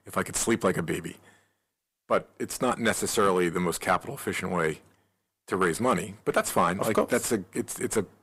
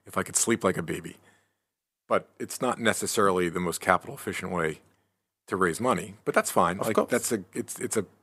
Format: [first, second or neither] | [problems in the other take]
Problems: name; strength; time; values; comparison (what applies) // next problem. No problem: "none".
second | distortion; slight; 10 dB below the speech